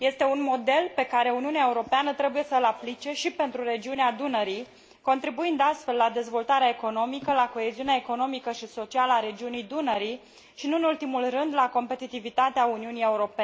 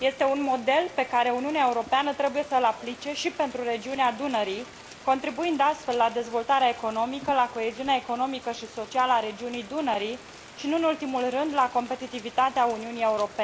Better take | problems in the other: first | background sound (Rain); 20 dB below the speech

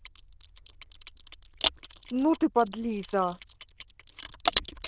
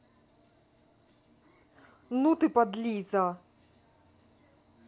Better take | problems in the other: second | noise reduction (neural diffusion model UNIVERSE++)

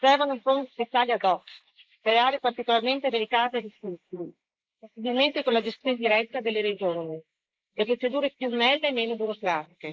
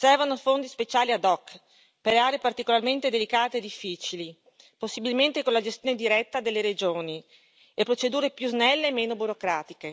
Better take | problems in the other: second | noise reduction (neural mask model Resemble Enhance denoiser)

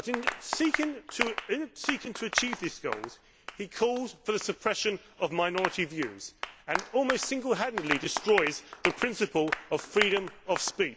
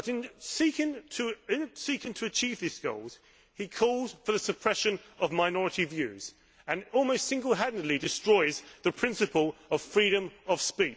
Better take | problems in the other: second | background sound (Applause); 6 dB below the speech

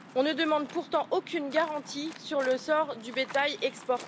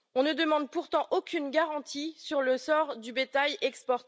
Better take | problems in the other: second | background sound (Waves, surf); 17 dB below the speech

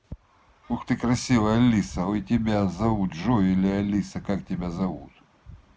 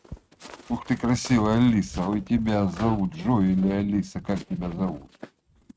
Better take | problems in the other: first | noise reduction (neural mask model RNNoise)

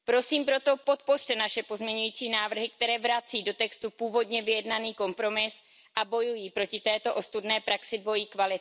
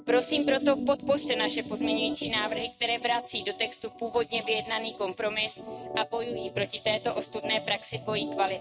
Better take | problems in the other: first | noise reduction (neural mask model RNNoise)

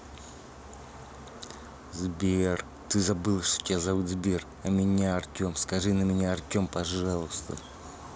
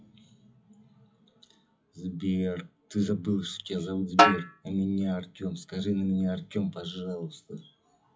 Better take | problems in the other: first | noise reduction (classical method WPE with log-MMSE)

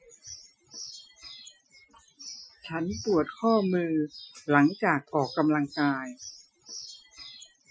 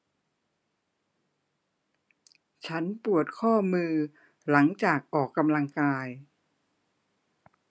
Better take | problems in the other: second | noise reduction (classical method Wiener filter)

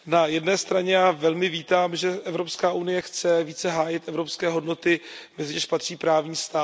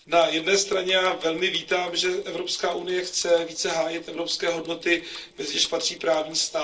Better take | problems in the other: first | noise reduction (neural separator model SepFormer DNS4)

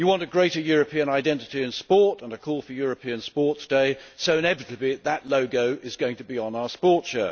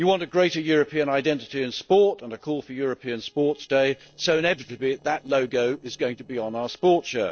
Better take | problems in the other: first | noise reduction (neural separator model SepFormer DNS4)

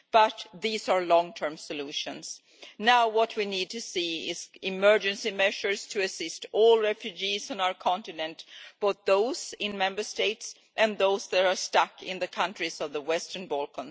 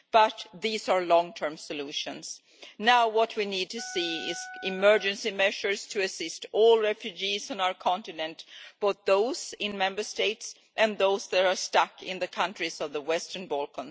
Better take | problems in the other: first | background sound (Wind instrument, woodwind instrument); 15 dB below the speech

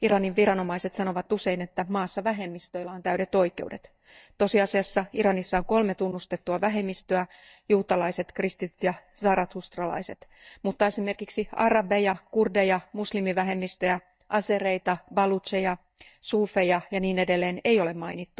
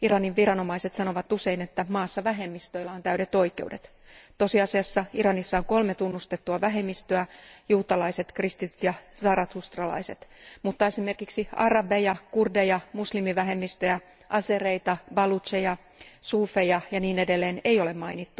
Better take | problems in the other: second | noise reduction (neural mask model DeepFilterNet 3)

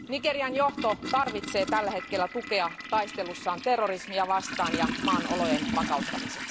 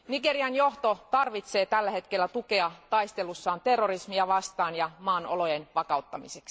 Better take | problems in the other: second | background sound (Toilet flush); 5 dB below the speech

